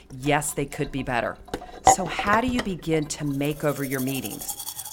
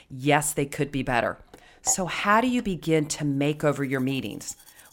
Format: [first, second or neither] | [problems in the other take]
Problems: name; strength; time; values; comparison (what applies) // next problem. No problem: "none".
second | household noises; loud; throughout; 2 dB below the speech; faint in the second